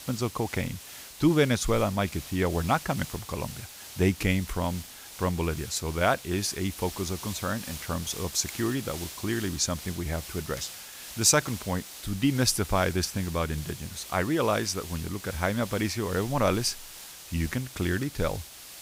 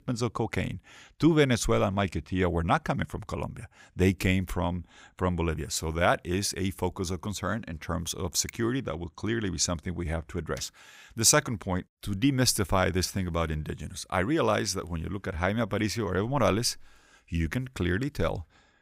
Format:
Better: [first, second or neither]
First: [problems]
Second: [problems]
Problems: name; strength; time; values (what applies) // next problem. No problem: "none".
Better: second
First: hiss; noticeable; throughout; 10 dB below the speech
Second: none